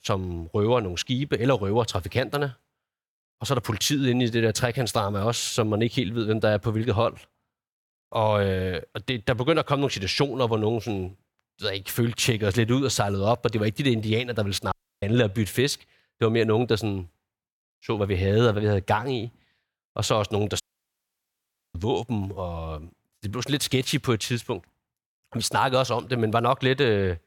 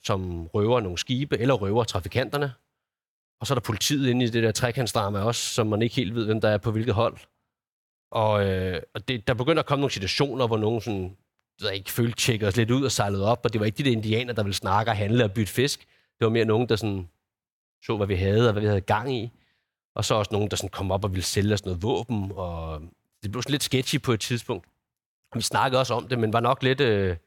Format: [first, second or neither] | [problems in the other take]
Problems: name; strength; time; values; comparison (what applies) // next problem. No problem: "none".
second | audio cutting out; at 15 s and at 21 s for 1 s